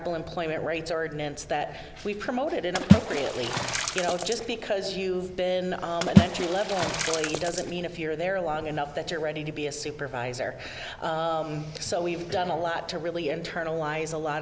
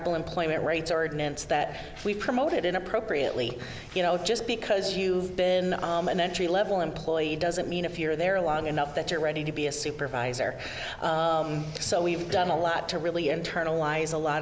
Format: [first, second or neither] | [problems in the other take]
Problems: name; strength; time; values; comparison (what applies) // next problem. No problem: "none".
second | background sound (Water / Splash, splatter); 4 dB above the speech